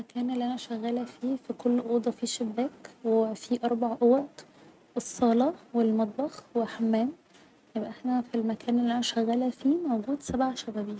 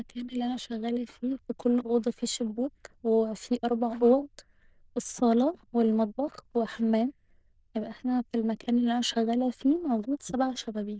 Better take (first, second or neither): first